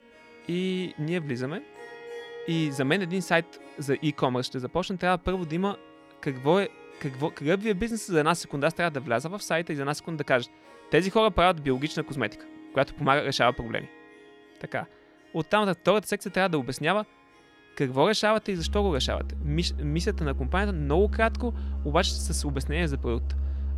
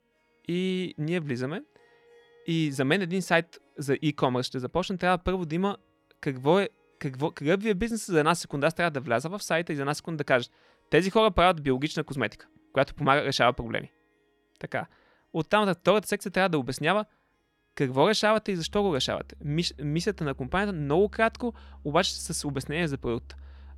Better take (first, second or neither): second